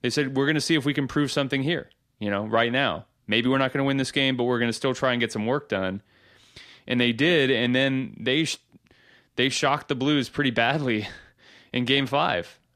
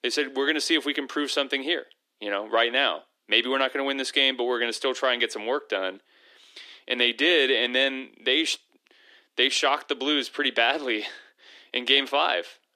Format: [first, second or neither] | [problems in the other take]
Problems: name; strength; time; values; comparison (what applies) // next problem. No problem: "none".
first | thin; somewhat; fading below 300 Hz